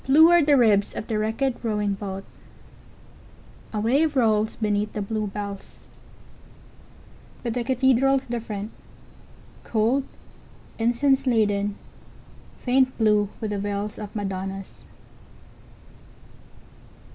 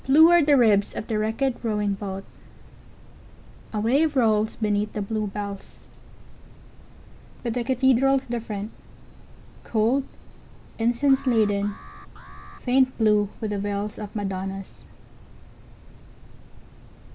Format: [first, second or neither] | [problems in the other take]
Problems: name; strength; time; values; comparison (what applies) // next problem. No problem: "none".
first | background sound (Alarm); 19 dB below the speech